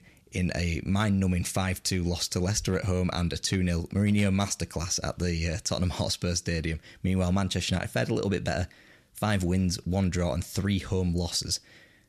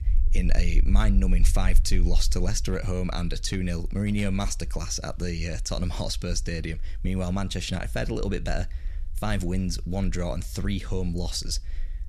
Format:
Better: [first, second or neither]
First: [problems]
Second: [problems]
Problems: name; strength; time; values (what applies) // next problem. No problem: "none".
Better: first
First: none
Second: low rumble; faint; throughout; 20 dB below the speech